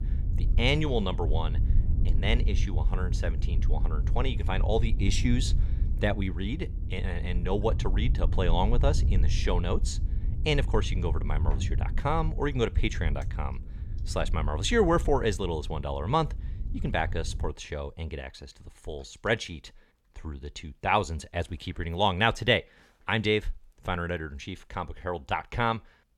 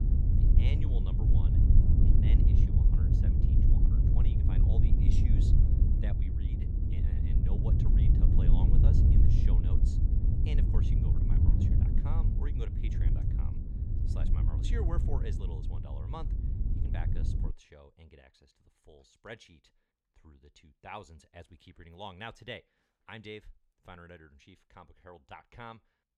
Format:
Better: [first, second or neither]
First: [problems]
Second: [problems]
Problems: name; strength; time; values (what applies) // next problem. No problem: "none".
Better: first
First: wind noise on the microphone; occasional gusts; until 18 s; 15 dB below the speech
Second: wind noise on the microphone; heavy; until 18 s; 4 dB above the speech